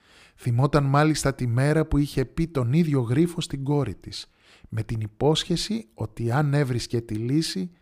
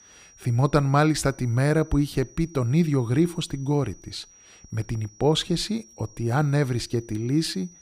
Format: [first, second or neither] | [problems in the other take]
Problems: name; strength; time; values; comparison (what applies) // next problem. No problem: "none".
first | high-pitched whine; faint; throughout; 6 kHz, 25 dB below the speech